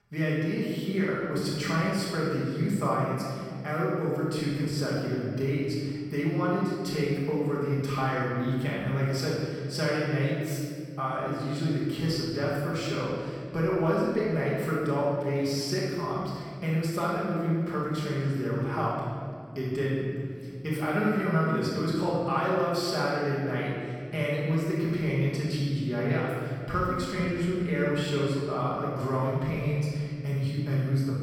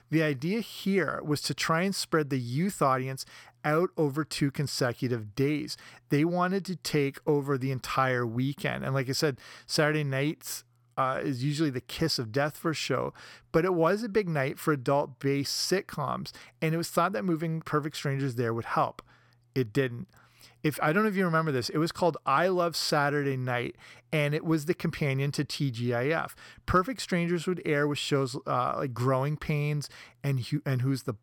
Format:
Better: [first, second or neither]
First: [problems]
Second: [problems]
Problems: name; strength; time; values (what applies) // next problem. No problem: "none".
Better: second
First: off-mic speech; far // room echo; strong; dies away in 2.6 s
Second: none